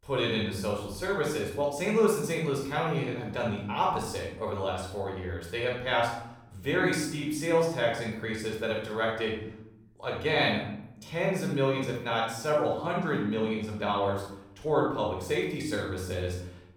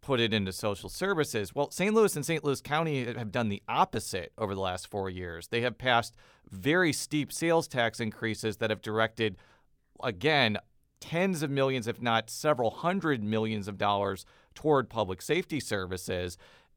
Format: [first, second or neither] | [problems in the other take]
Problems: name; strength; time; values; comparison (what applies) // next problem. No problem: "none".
second | off-mic speech; far // room echo; noticeable; dies away in 0.7 s